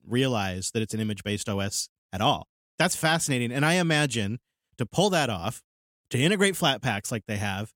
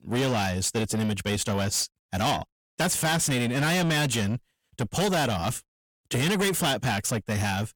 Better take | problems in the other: first | distortion; heavy; 5 dB below the speech

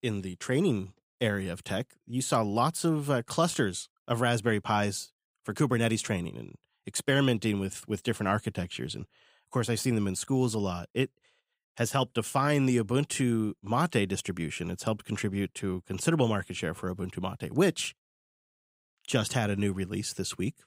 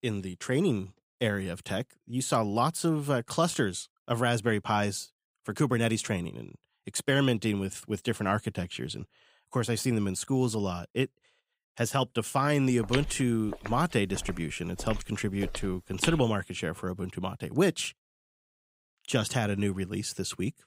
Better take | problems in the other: first | footsteps; noticeable; from 13 to 16 s; peak 4 dB below the speech

